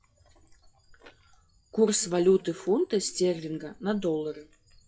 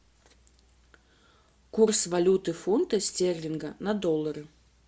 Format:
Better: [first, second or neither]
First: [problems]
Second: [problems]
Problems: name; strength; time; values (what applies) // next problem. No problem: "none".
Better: second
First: noise reduction (classical method WPE with log-MMSE)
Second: none